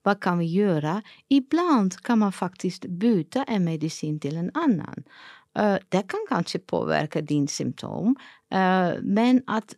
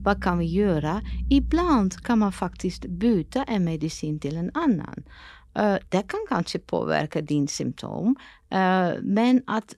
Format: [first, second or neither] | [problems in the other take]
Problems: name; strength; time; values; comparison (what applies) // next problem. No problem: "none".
first | low rumble; faint; throughout; 25 dB below the speech